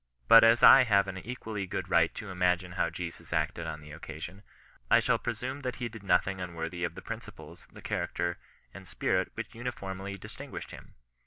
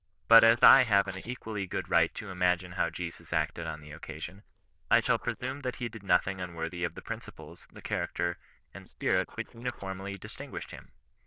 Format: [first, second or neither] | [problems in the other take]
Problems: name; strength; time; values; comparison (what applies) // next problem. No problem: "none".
first | noise reduction (neural diffusion model UNIVERSE++)